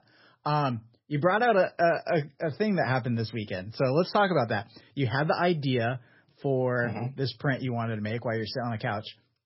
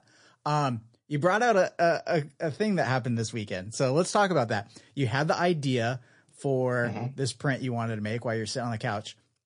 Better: second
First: garbled, watery; badly; nothing above 5.5 kHz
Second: garbled, watery; slightly; nothing above 10 kHz

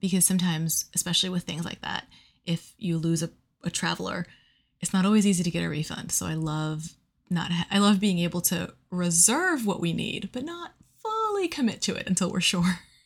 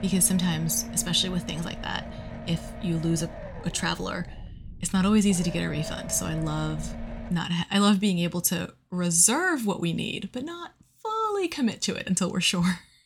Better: first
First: none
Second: low rumble; noticeable; until 7.5 s; 15 dB below the speech

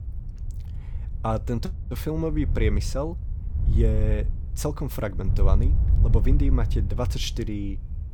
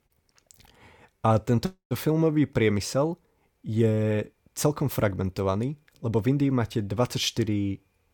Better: second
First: wind noise on the microphone; occasional gusts; 10 dB below the speech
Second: none

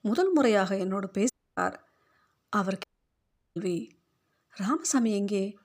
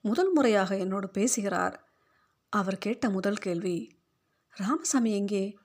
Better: second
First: audio cutting out; at 1.5 s and at 3 s for 0.5 s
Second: none

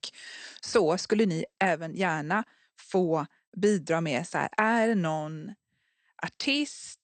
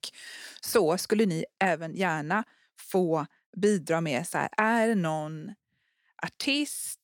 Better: second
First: garbled, watery; slightly; nothing above 8.5 kHz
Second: none

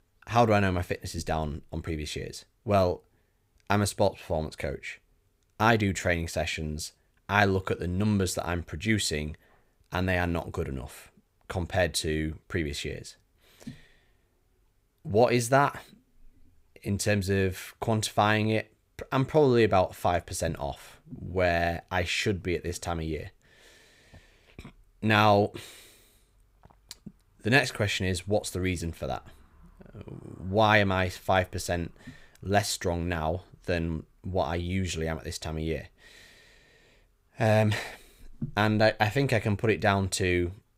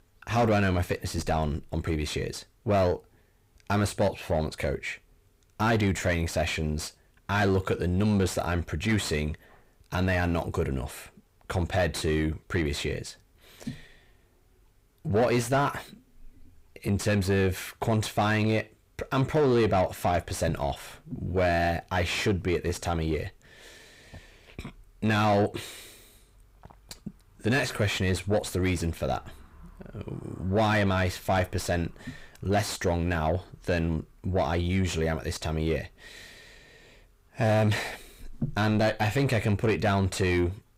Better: first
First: none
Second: distortion; heavy; 7 dB below the speech

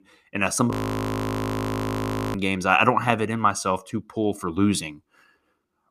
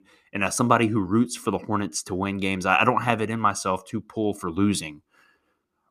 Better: second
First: audio freezing; at 0.5 s for 1.5 s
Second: none

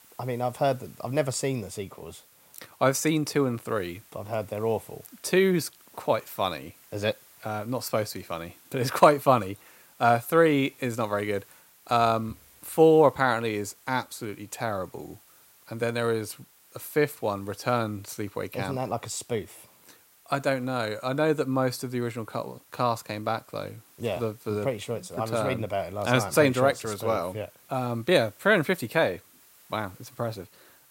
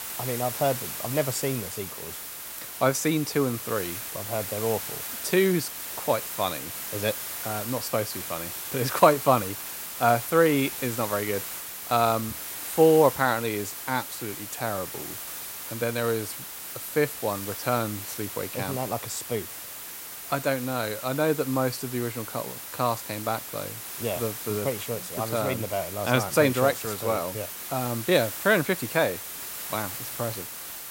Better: first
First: hiss; faint; throughout; 25 dB below the speech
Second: hiss; loud; throughout; 7 dB below the speech

